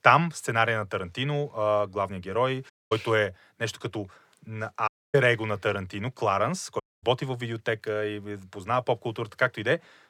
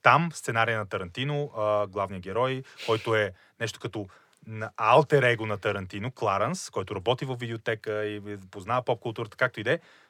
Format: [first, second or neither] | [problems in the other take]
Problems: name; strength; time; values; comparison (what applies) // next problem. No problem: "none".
second | audio cutting out; at 2.5 s, at 5 s and at 7 s